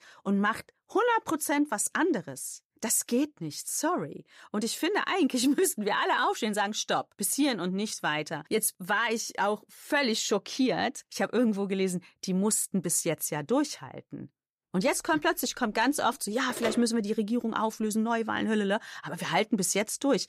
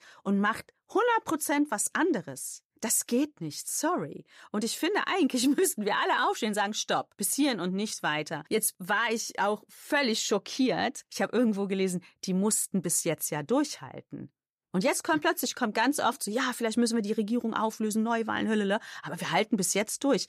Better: second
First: phone ringing; noticeable; from 16 to 17 s; peak 7 dB below the speech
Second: none

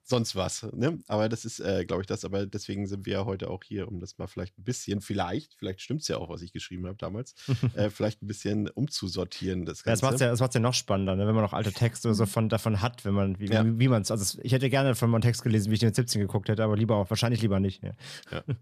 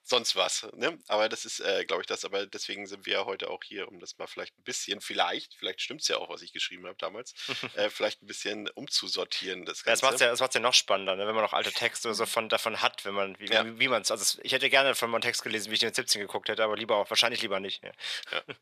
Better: first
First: none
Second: thin; very; fading below 600 Hz

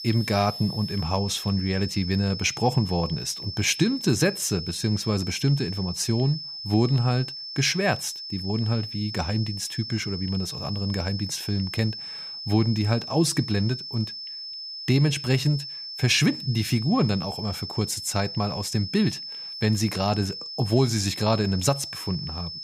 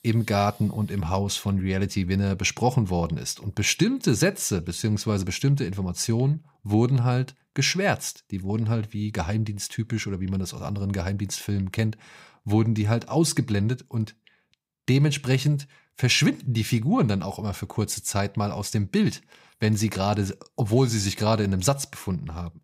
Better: second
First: high-pitched whine; loud; throughout; 5.5 kHz, 8 dB below the speech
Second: none

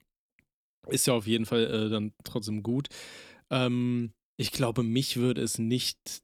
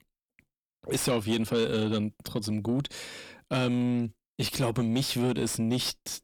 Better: first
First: none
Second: distortion; slight; 9 dB below the speech

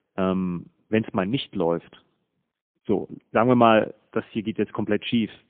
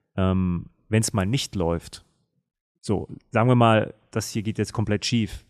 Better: second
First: phone-call audio; poor line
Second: none

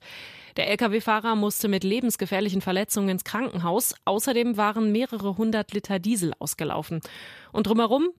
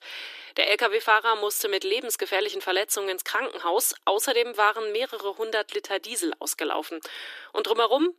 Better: first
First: none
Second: thin; very; fading below 300 Hz

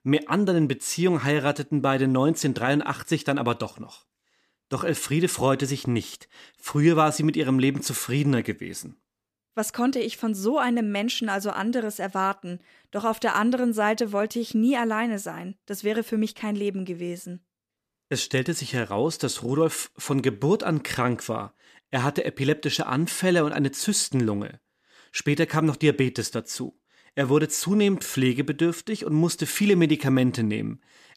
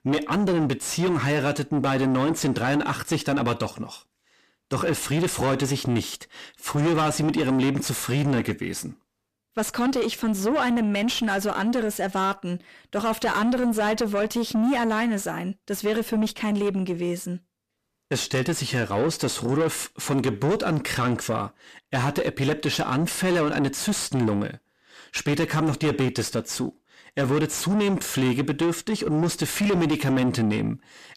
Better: first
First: none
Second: distortion; heavy; 7 dB below the speech

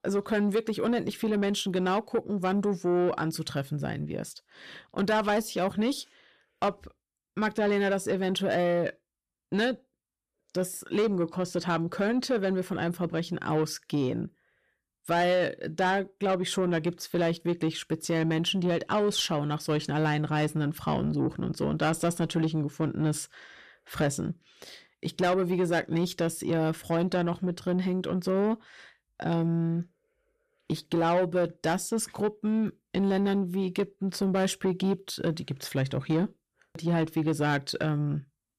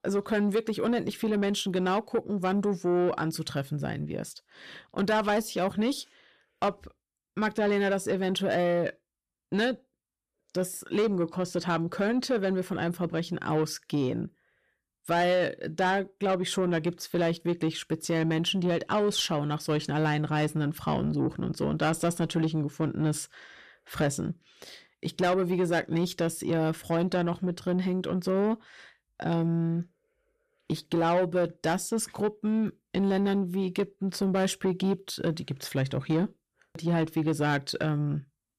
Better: neither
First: distortion; slight; 10 dB below the speech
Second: distortion; slight; 10 dB below the speech

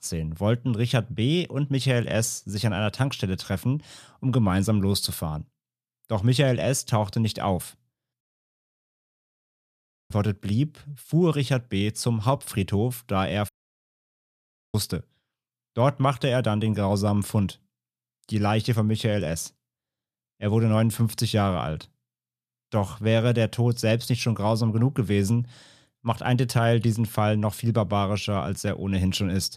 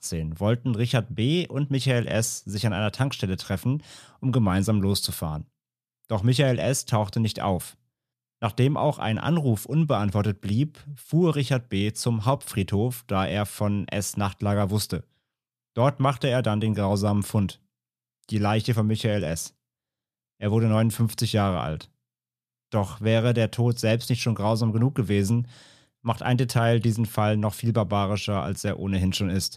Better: second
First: audio cutting out; at 8 s for 2 s and at 13 s for 1.5 s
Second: none

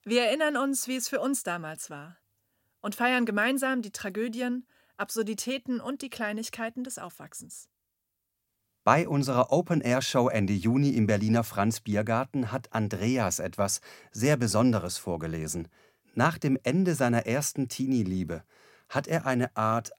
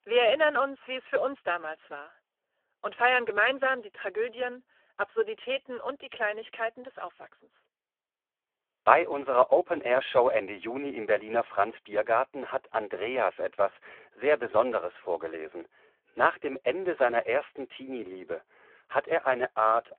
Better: first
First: none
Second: phone-call audio; poor line

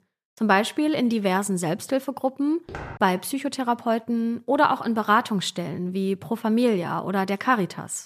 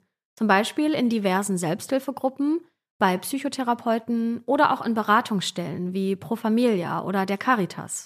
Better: second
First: footsteps; faint; at 2.5 s; peak 15 dB below the speech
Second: none

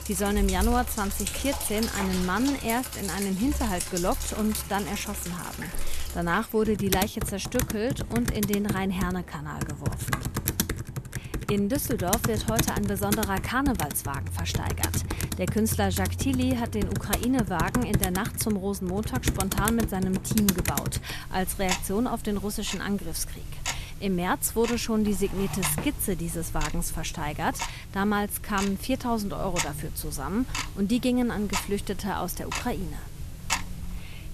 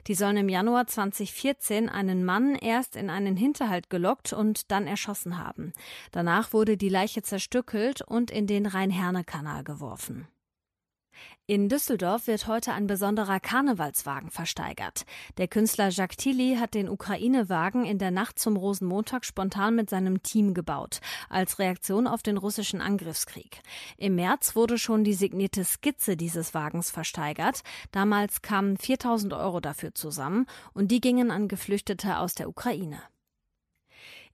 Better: second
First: household noises; loud; throughout; 4 dB below the speech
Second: none

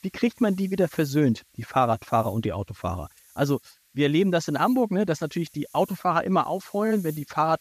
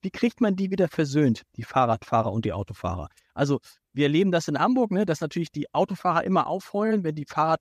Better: second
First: hiss; faint; throughout; 25 dB below the speech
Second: none

